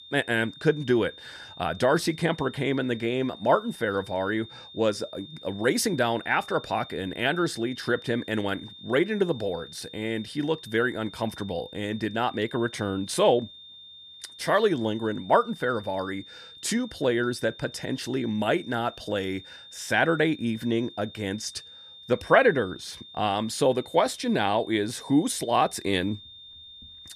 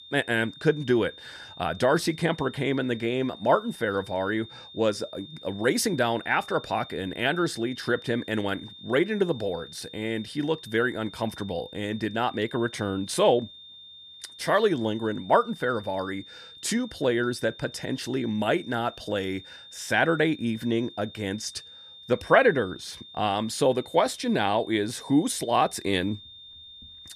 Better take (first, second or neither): neither